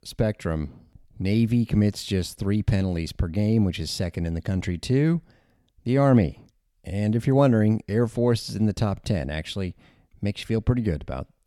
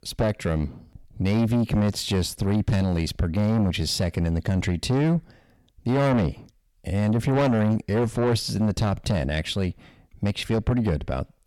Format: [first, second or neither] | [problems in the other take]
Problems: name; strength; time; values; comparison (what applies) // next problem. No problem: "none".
first | distortion; heavy; 7 dB below the speech